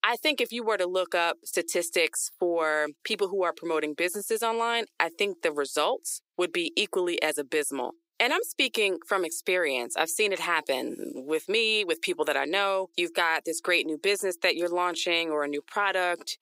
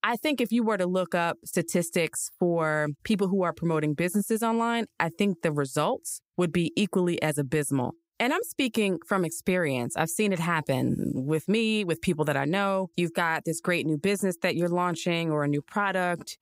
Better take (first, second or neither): second